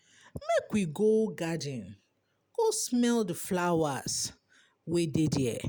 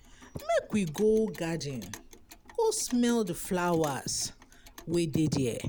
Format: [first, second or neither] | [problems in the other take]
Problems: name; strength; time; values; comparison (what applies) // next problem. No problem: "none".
first | background sound (Clock + Wind); 19 dB below the speech